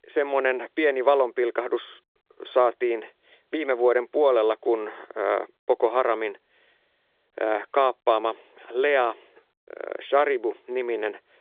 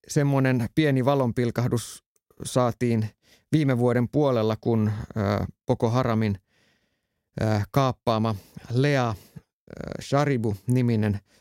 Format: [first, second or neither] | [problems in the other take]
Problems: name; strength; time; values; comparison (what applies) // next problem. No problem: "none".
second | phone-call audio